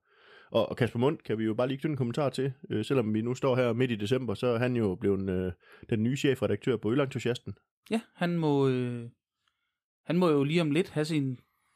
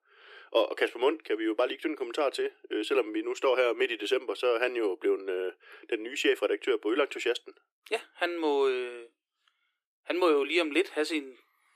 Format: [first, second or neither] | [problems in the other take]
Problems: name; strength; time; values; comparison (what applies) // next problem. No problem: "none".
first | thin; very; fading below 300 Hz